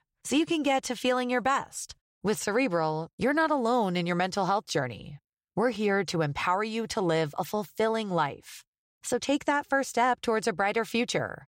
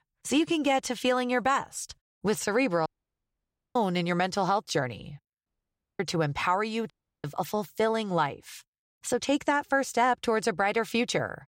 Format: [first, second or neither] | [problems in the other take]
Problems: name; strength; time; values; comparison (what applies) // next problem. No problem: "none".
first | audio cutting out; at 3 s for 1 s, at 5.5 s for 0.5 s and at 7 s